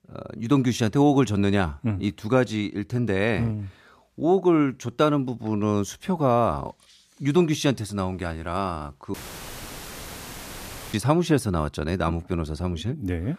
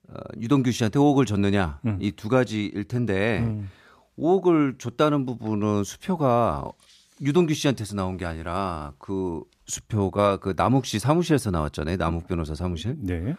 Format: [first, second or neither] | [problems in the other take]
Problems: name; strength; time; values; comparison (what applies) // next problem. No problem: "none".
second | audio cutting out; filled with static; at 9 s for 2 s